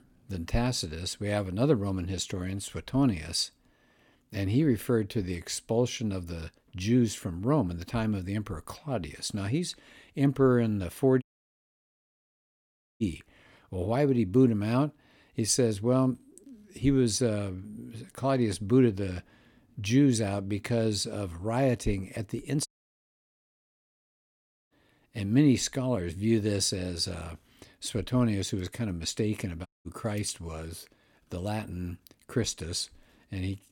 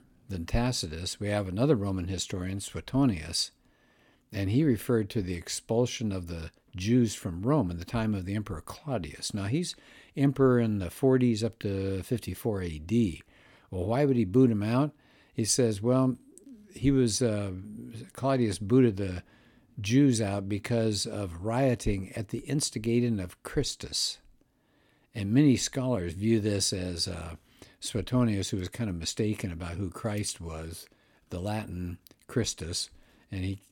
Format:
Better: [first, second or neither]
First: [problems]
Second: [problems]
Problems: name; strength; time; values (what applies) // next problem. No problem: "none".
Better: second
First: audio cutting out; at 11 s for 2 s, at 23 s for 2 s and at 30 s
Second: none